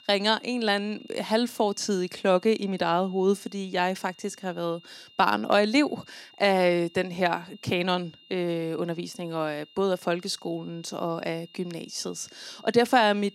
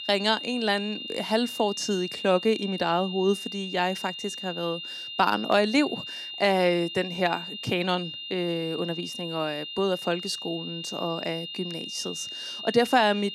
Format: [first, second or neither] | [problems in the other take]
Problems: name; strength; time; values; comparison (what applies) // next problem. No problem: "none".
first | high-pitched whine; loud; throughout; 3 kHz, 8 dB below the speech; faint in the first